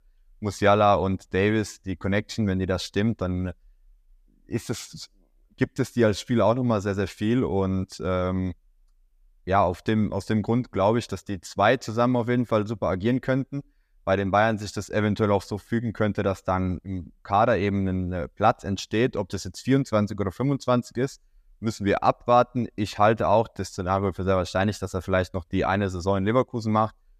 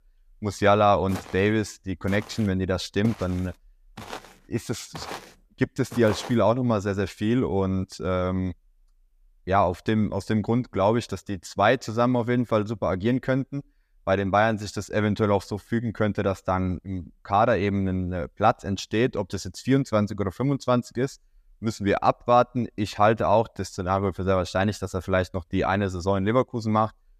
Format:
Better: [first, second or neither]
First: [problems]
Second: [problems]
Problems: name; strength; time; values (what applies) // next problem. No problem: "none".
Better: first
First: none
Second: footsteps; faint; from 1 to 6.5 s; peak 10 dB below the speech